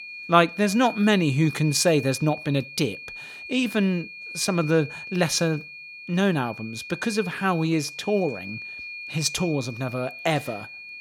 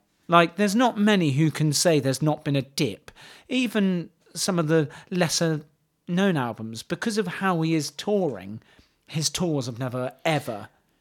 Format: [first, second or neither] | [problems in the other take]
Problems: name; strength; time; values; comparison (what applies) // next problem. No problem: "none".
second | high-pitched whine; noticeable; throughout; 2.5 kHz, 10 dB below the speech